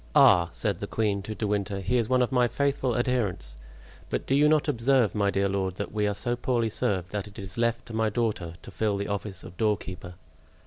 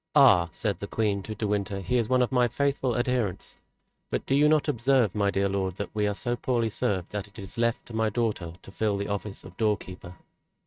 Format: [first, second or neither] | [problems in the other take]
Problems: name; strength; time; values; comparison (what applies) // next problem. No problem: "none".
first | noise reduction (neural mask model RNNoise)